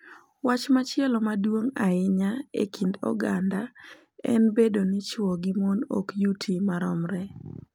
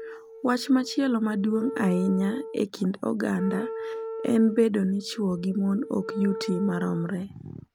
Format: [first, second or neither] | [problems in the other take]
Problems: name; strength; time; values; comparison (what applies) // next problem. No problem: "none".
first | background sound (Wind instrument, woodwind instrument); 11 dB below the speech